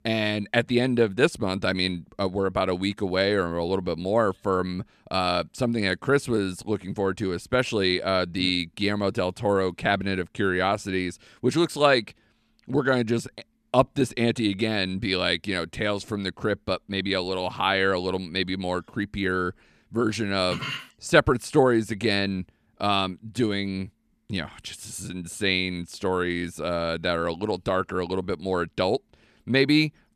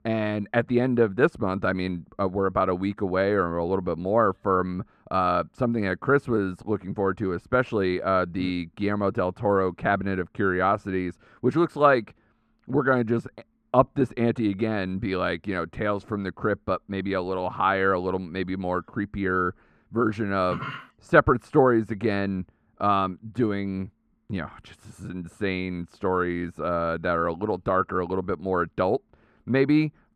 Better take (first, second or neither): first